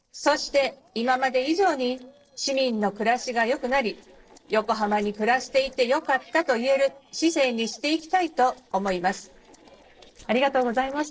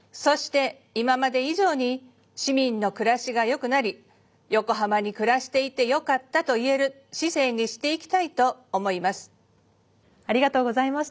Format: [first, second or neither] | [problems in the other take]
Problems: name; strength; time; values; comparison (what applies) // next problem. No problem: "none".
second | noise reduction (neural separator model SepFormer DNS4)